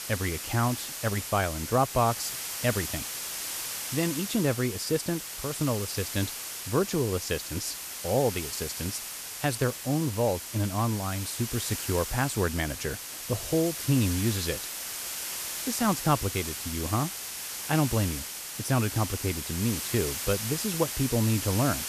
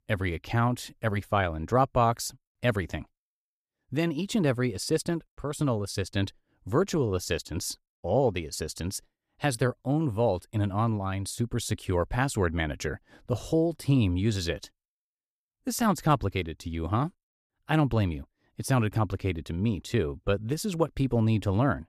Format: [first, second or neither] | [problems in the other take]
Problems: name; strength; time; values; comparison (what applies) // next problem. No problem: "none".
second | hiss; loud; throughout; 4 dB below the speech